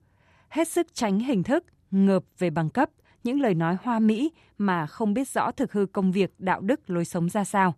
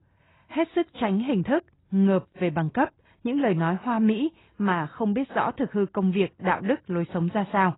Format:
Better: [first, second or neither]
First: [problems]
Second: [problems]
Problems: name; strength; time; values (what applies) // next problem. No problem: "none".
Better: first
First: none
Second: garbled, watery; badly; nothing above 3.5 kHz